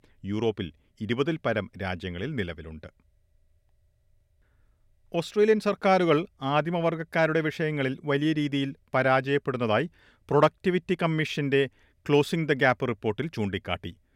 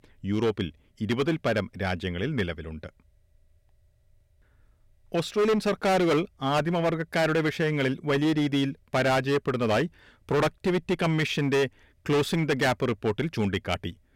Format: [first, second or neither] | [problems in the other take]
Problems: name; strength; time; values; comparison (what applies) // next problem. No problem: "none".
first | distortion; heavy; 10% of the sound clipped